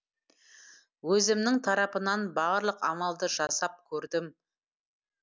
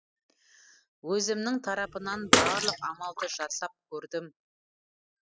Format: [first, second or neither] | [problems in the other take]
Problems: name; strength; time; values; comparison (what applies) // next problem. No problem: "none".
first | noise reduction (classical method spectral subtraction)